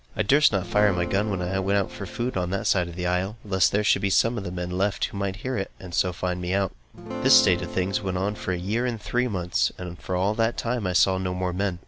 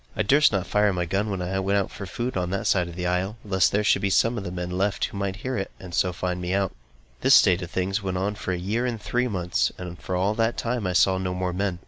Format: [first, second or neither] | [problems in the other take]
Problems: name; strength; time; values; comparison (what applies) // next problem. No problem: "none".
second | background sound (Acoustic guitar / Strum); 10 dB below the speech